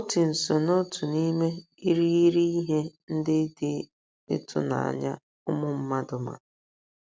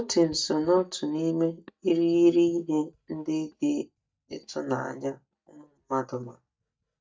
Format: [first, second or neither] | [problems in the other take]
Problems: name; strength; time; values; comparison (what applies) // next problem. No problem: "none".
first | noise reduction (neural mask model DeepFilterNet 3)